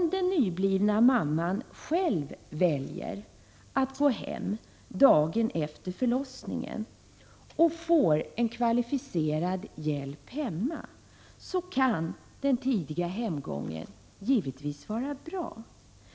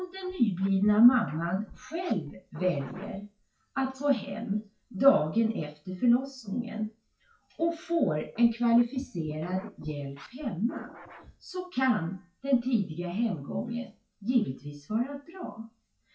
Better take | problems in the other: first | noise reduction (classical method WPE with log-MMSE)

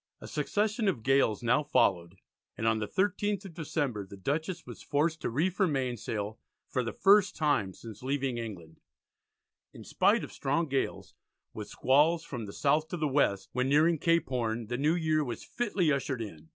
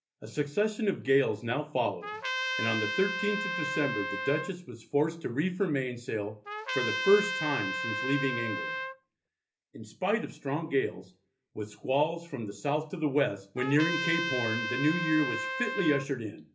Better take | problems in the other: first | background sound (Trumpet); 3 dB below the speech // room echo; dies away in 0.3 s

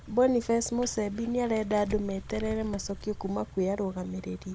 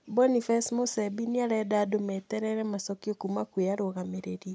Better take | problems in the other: second | background sound (Crumpling, crinkling + Idling / Car); 14 dB below the speech

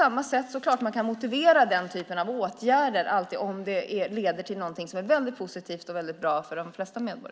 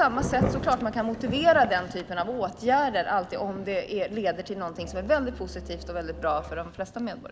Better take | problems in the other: first | background sound (Musical instrument + Thunder / Rain); 9 dB below the speech

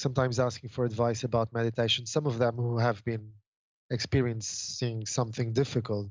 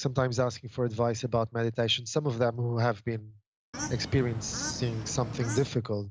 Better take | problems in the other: first | background sound (Bird / Fowl); 8 dB below the speech

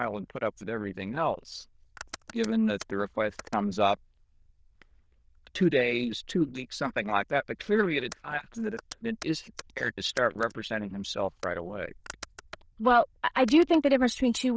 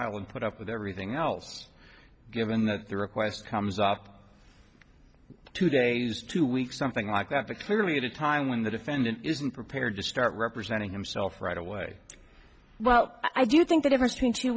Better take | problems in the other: second | noise reduction (neural diffusion model UNIVERSE++)

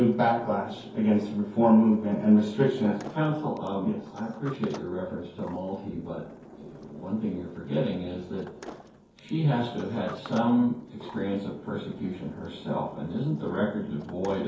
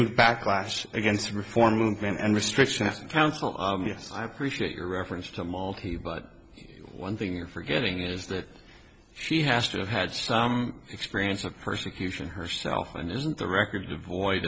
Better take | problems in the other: second | background sound (Sliding door); 20 dB below the speech // room echo; dies away in 0.6 s

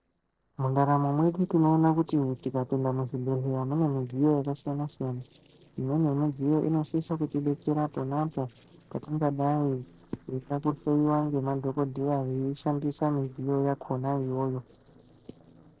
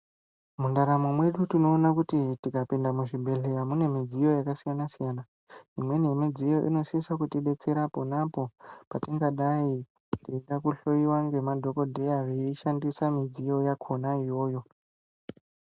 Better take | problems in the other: second | noise reduction (neural separator model SepFormer DNS4)

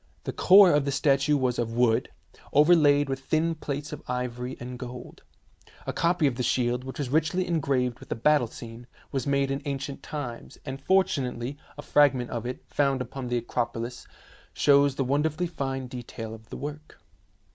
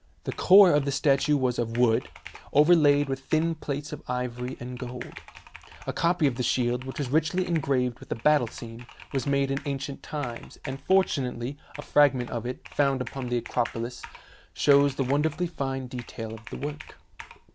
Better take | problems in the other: first | background sound (Computer keyboard); 20 dB below the speech

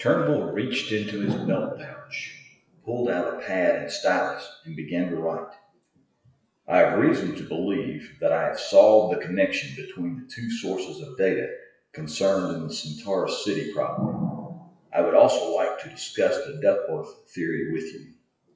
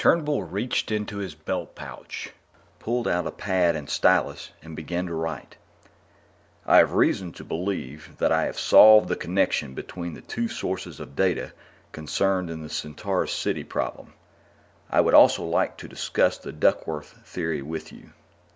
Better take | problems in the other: second | noise reduction (classical method WPE with log-MMSE)

